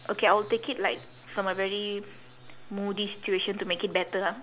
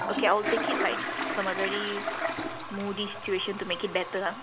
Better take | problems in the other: first | background sound (Toilet flush); 2 dB below the speech

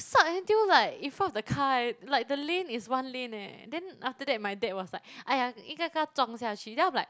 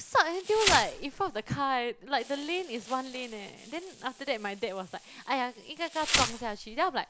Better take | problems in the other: first | background sound (Insect); 6 dB below the speech

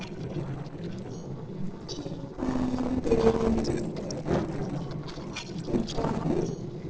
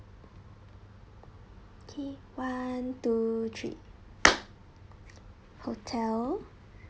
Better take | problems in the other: second | noise reduction (neural separator model SepFormer DNS4)

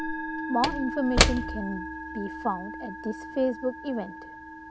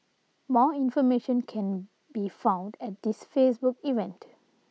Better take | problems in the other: second | background sound (Slam / Wood + Musical instrument); as loud as the speech

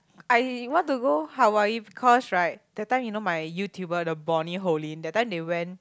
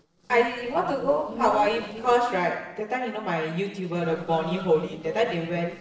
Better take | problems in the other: first | noise reduction (neural separator model SepFormer DNS4)

